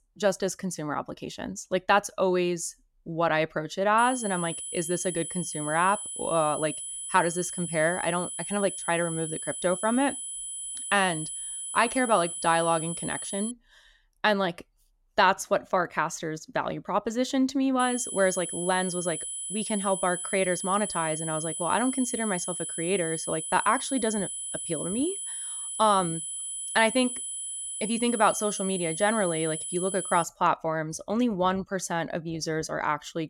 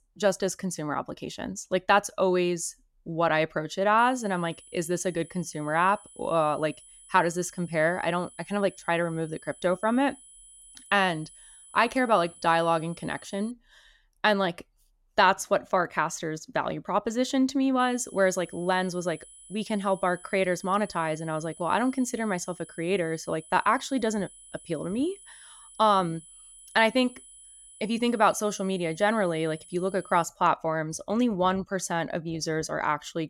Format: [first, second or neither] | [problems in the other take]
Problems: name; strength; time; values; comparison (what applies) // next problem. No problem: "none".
second | high-pitched whine; loud; from 4 to 14 s and from 18 to 30 s; 10 kHz, 5 dB below the speech; faint in the second